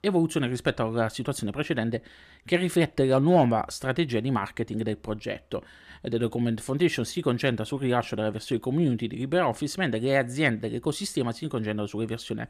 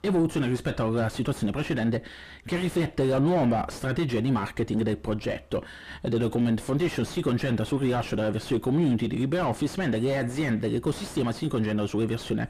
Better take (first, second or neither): first